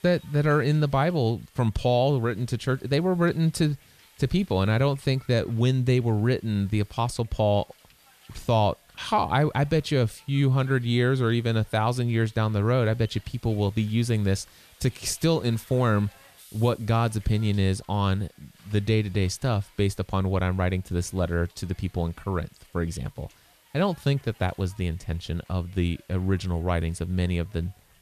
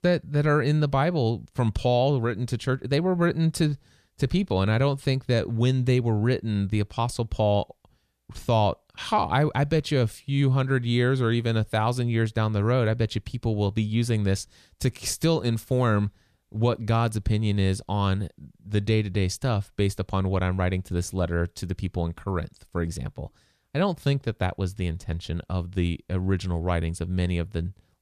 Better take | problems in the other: second | hiss; faint; throughout; 30 dB below the speech

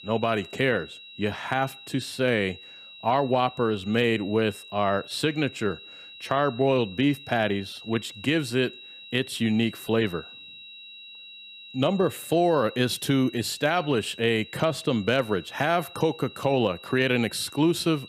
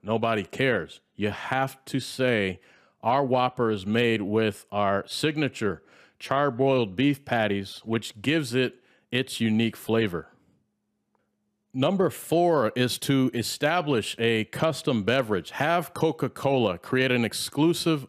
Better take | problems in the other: second | high-pitched whine; noticeable; throughout; 4 kHz, 15 dB below the speech

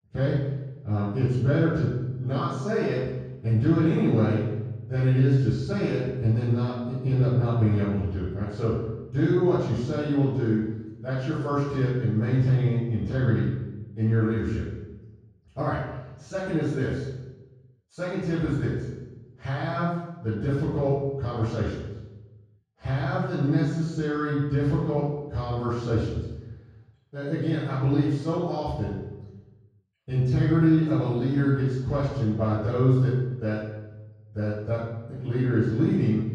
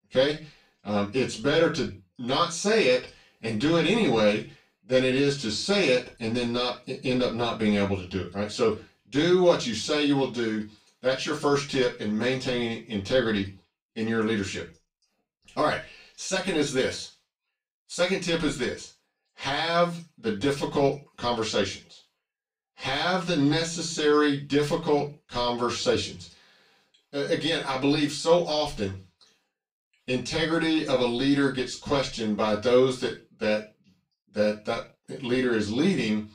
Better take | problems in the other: second | room echo; strong; dies away in 1.3 s; slight in the second // off-mic speech; far; far in the second

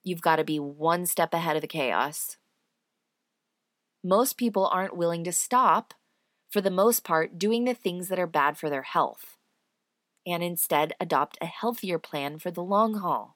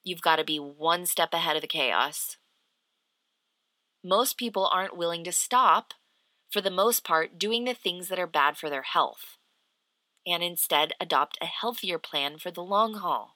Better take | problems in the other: first | thin; very slightly; fading below 950 Hz

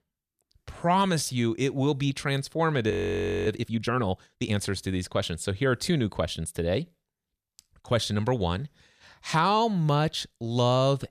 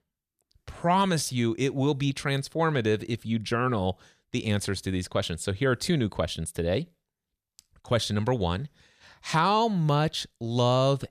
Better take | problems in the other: second | audio freezing; at 3 s for 0.5 s

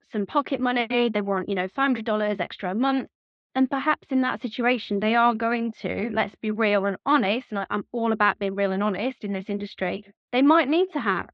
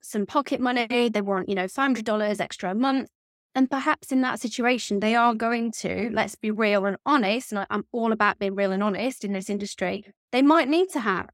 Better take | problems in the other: second | muffled; slightly; fading above 4 kHz

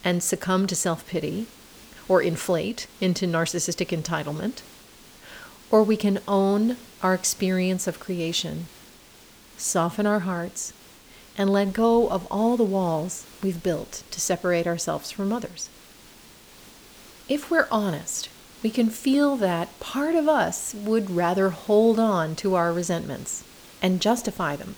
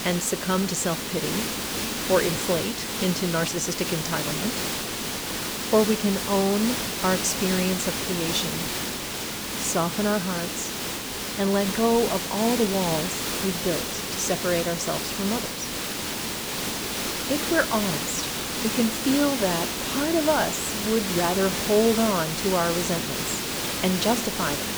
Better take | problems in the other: first | hiss; loud; throughout; 1 dB below the speech; faint in the first

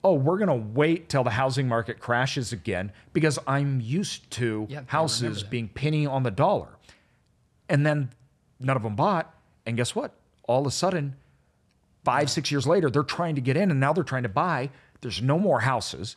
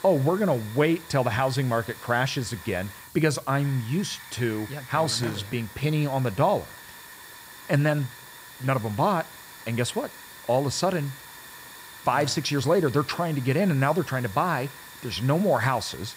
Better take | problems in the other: first | hiss; noticeable; throughout; 15 dB below the speech

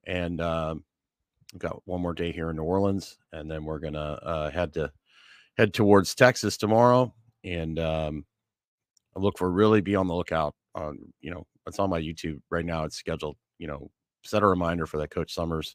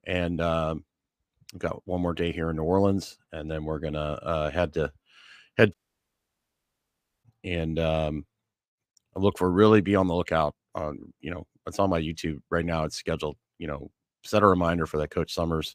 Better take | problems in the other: first | audio cutting out; at 5.5 s for 1.5 s

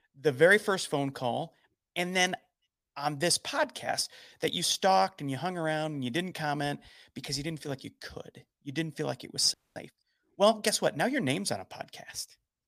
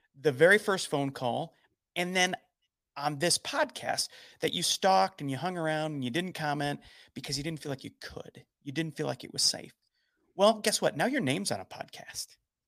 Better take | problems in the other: second | audio freezing; at 9.5 s

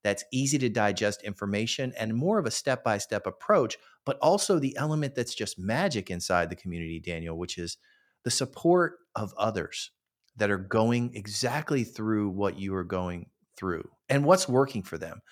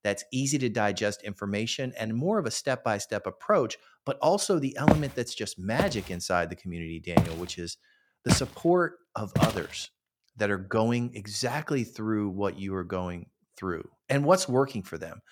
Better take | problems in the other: first | footsteps; loud; from 5 to 9.5 s; peak 4 dB above the speech

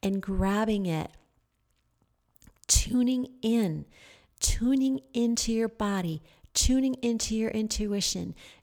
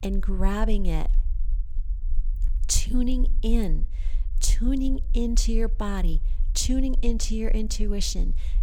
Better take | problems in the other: first | low rumble; faint; throughout; 25 dB below the speech

